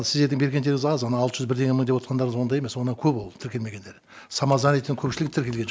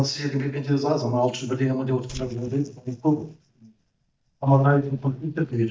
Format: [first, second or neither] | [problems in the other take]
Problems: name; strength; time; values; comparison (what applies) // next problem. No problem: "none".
first | noise reduction (neural mask model DeepFilterNet 3)